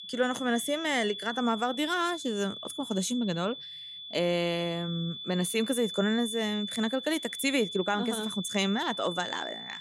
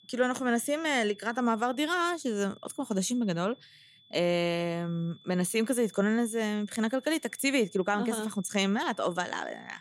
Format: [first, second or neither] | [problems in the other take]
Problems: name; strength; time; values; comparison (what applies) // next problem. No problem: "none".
second | high-pitched whine; loud; throughout; 3.5 kHz, 8 dB below the speech; faint in the second